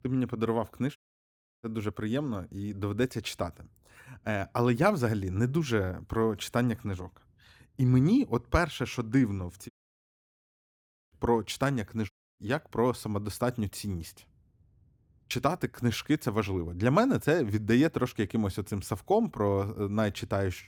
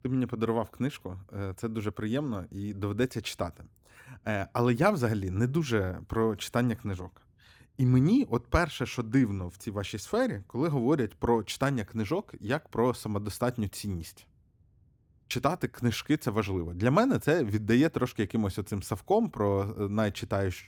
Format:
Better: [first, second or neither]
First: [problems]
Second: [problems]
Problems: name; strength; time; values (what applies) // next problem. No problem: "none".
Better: second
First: audio cutting out; at 1 s for 0.5 s, at 9.5 s for 1.5 s and at 12 s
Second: none